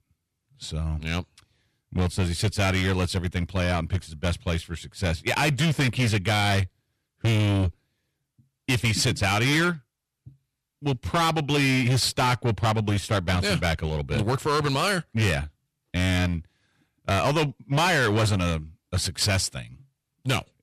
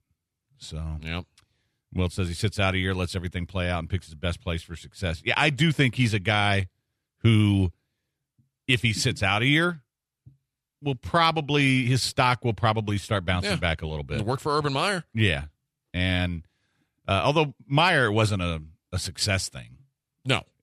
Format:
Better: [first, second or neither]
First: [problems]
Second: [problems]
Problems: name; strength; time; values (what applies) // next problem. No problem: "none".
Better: second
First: distortion; heavy; 12% of the sound clipped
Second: none